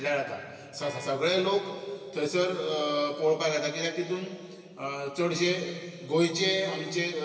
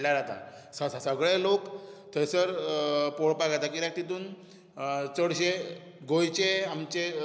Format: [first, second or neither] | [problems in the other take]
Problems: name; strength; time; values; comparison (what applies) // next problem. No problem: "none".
second | background sound (Vehicle horn, car horn, honking); 16 dB below the speech // room echo; dies away in 2.4 s